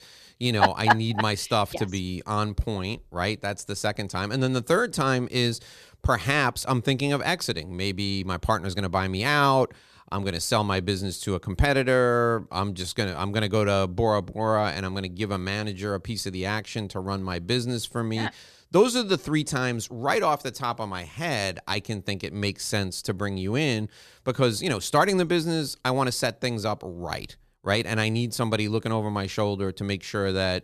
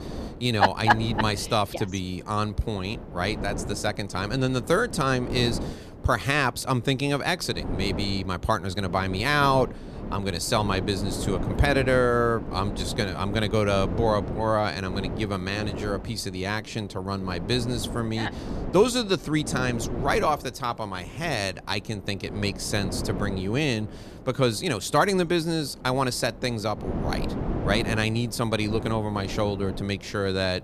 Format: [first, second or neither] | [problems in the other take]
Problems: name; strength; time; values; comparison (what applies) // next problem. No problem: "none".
first | wind noise on the microphone; occasional gusts; 15 dB below the speech